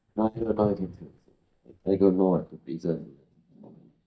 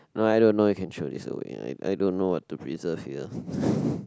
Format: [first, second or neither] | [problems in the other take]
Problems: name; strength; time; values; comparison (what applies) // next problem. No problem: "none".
second | noise reduction (neural mask model DeepFilterNet 3)